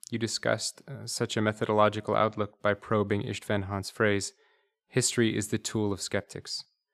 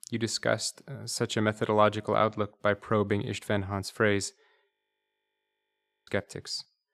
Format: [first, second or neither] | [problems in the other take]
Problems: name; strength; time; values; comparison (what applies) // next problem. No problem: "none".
first | audio freezing; at 4.5 s for 1.5 s